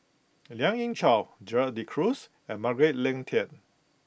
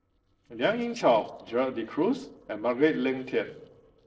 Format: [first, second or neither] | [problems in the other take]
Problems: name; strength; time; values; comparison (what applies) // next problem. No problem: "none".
first | noise reduction (neural separator model SepFormer DNS4)